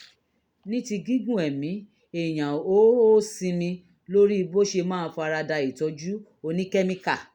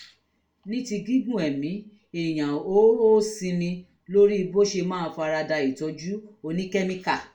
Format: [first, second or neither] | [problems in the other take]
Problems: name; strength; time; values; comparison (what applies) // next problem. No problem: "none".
first | room echo; dies away in 0.3 s